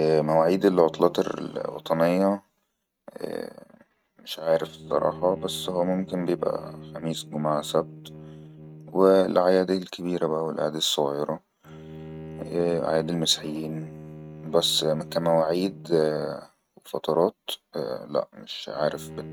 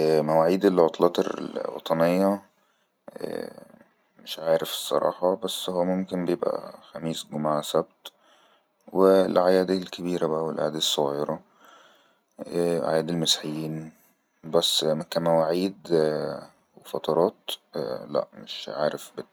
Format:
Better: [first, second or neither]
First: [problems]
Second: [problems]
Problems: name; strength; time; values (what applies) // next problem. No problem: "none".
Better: second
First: noise reduction (neural mask model RNNoise)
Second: none